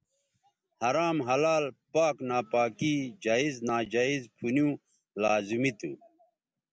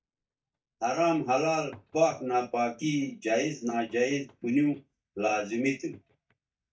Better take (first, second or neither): first